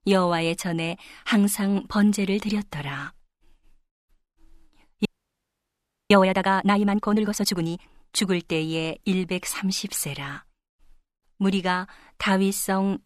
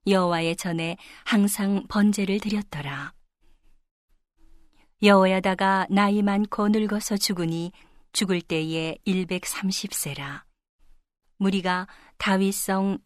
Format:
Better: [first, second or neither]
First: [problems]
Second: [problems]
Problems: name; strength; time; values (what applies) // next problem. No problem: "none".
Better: second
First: audio freezing; at 5 s for 1 s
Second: none